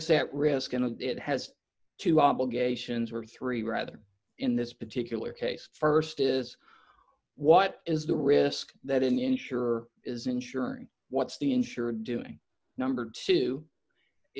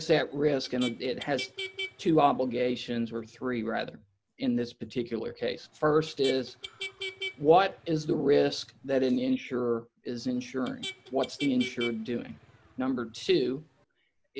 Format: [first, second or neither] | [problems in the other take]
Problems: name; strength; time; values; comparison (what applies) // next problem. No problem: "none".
first | background sound (Motor vehicle (road)); 15 dB below the speech